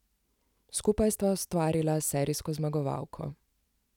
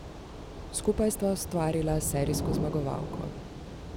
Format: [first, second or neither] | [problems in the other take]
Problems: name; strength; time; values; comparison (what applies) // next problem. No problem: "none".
first | background sound (Thunder / Rain); 5 dB below the speech